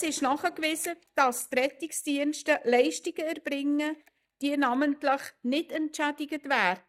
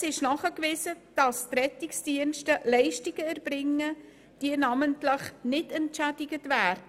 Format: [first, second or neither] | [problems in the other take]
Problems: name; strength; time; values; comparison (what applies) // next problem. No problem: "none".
second | noise reduction (neural mask model DeepFilterNet 3)